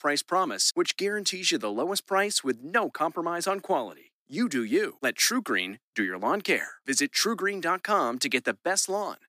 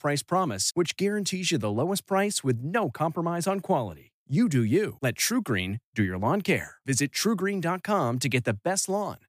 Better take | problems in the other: second | thin; very slightly; fading below 250 Hz

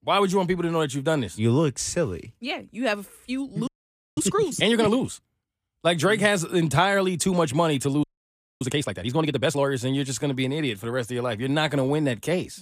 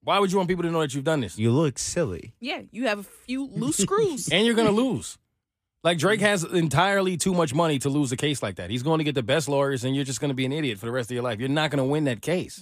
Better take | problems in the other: second | audio freezing; at 3.5 s and at 8 s for 0.5 s

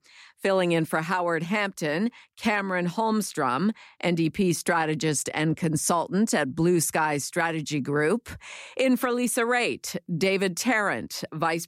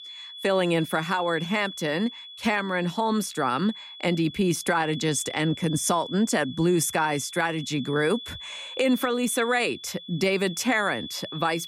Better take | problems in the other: first | high-pitched whine; noticeable; throughout; 3.5 kHz, 15 dB below the speech

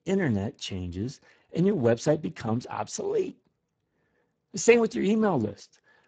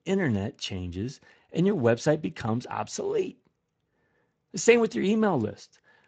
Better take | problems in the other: second | garbled, watery; badly; nothing above 7.5 kHz; slightly in the second

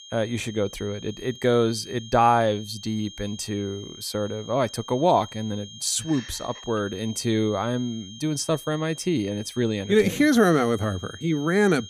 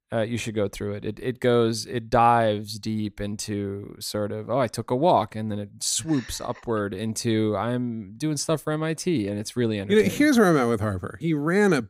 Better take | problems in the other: second | high-pitched whine; noticeable; throughout; 3 kHz, 15 dB below the speech

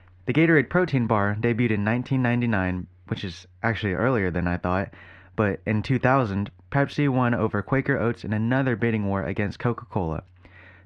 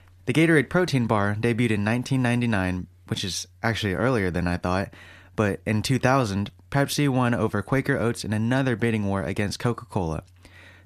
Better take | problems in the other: second | muffled; slightly; fading above 2 kHz

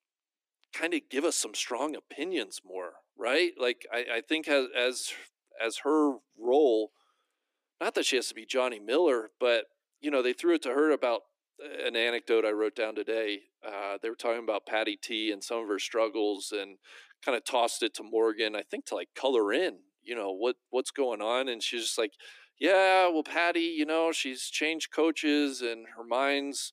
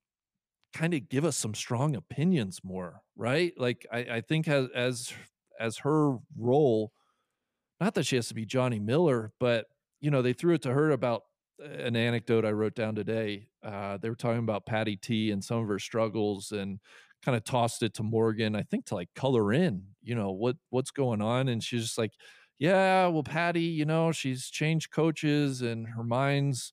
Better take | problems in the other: second | thin; somewhat; fading below 300 Hz

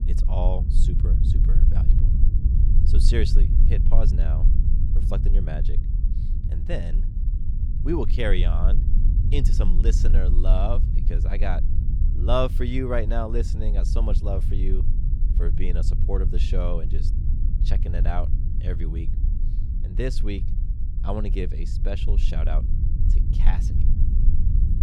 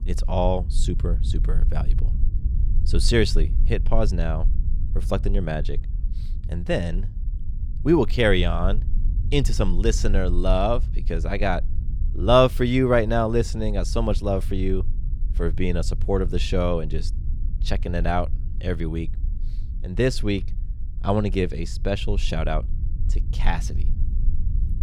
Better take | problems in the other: second | low rumble; loud; throughout; 9 dB below the speech; faint in the second

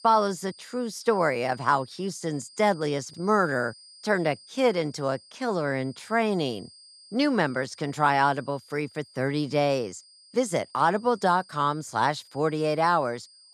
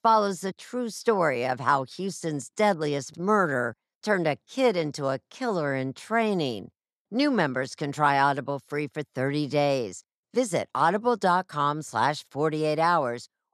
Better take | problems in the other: second | high-pitched whine; faint; throughout; 5 kHz, 25 dB below the speech

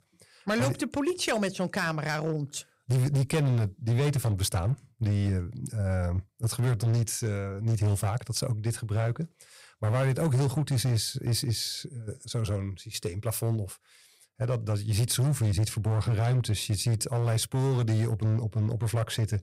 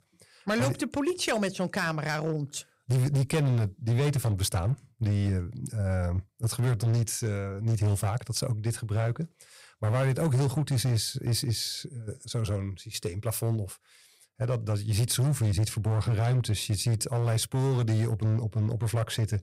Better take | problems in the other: neither | distortion; slight; 11% of the sound clipped; the same in both

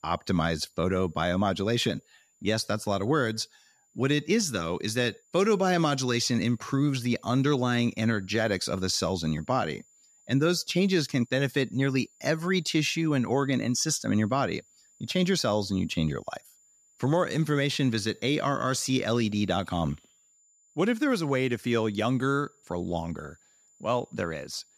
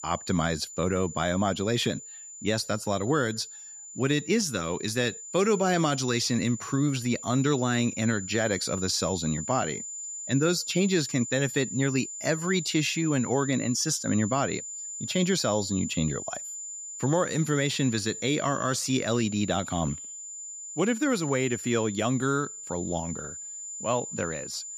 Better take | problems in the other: first | high-pitched whine; loud; throughout; 7 kHz, 9 dB below the speech; faint in the first

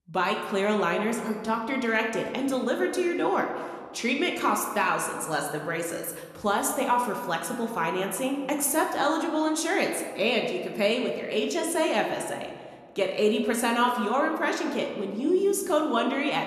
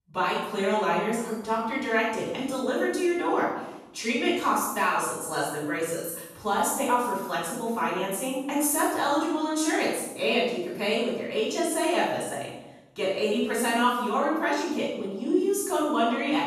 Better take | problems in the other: first | room echo; strong; dies away in 0.8 s; slight in the first // off-mic speech; far

